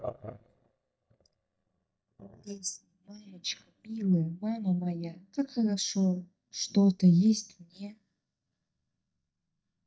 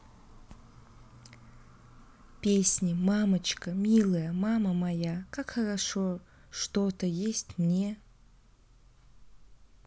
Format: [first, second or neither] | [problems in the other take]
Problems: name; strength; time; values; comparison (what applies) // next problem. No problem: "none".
second | noise reduction (neural mask model DeepFilterNet 3)